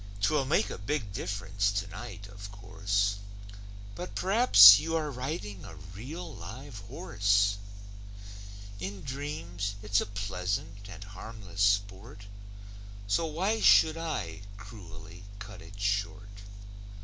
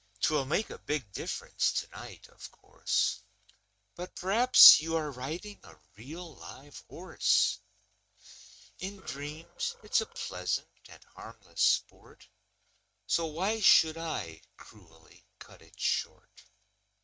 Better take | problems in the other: first | noise reduction (neural mask model RNNoise)

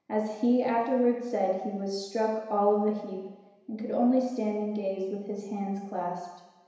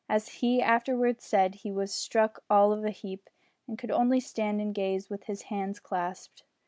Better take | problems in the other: second | room echo; dies away in 1 s

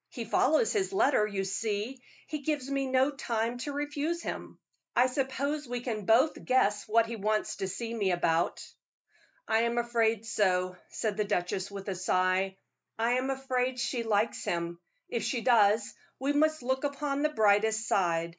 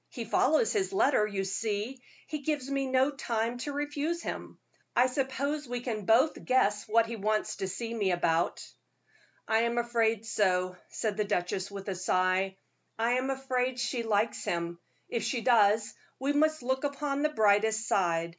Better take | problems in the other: second | noise reduction (neural mask model Resemble Enhance denoiser)

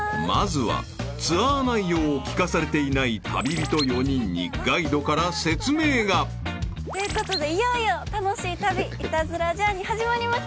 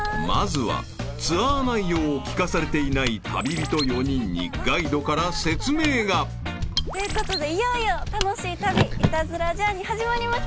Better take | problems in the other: first | background sound (Car + Mechanisms); 6 dB below the speech

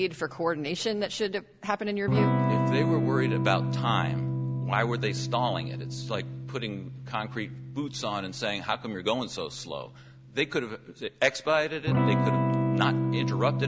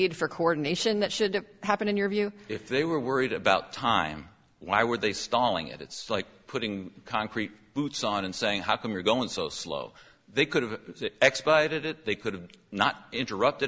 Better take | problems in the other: second | background sound (Electric guitar / Strum); 1 dB above the speech

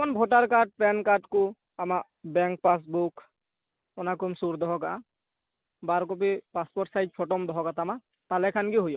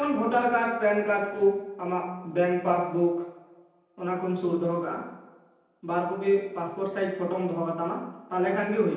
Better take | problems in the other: first | room echo; dies away in 0.9 s

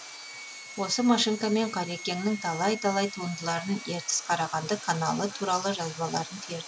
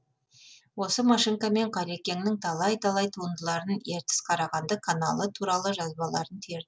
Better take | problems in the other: second | background sound (Sawing); 13 dB below the speech

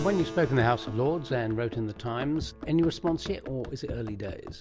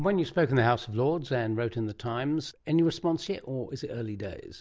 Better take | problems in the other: second | background sound (Keyboard (musical) + Run); 12 dB below the speech

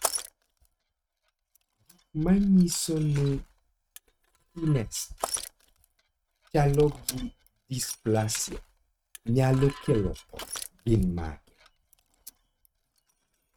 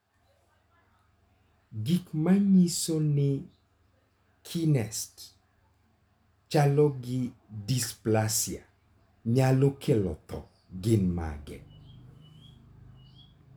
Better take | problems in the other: second | noise reduction (neural mask model RNNoise)

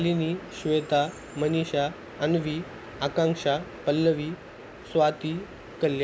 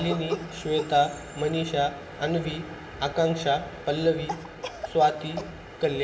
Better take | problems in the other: first | background sound (Cough); 14 dB below the speech // room echo; dies away in 1.9 s

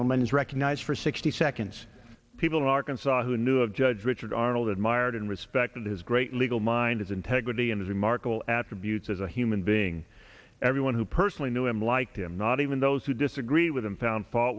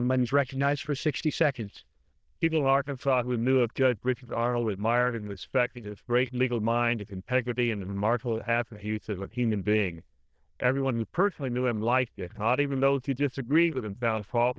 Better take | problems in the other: first | noise reduction (neural diffusion model UNIVERSE++)

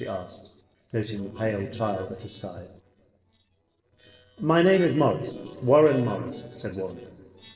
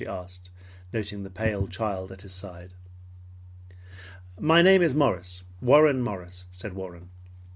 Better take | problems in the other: second | noise reduction (neural separator model SepFormer DNS4)

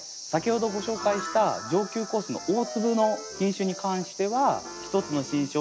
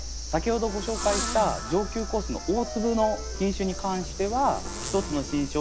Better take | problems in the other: first | background sound (Zipper (clothing)); 8 dB below the speech

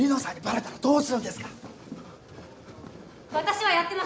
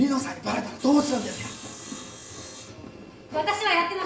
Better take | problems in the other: first | background sound (Sawing); 17 dB below the speech // room echo; dies away in 0.5 s

